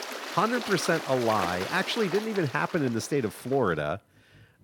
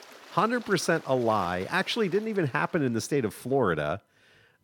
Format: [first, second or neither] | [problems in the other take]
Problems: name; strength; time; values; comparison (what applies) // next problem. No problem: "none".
second | rain or running water; loud; throughout; 8 dB below the speech; faint in the second